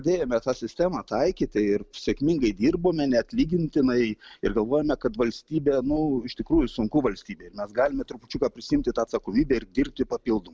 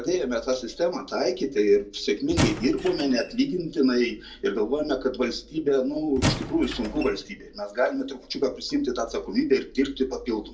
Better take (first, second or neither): first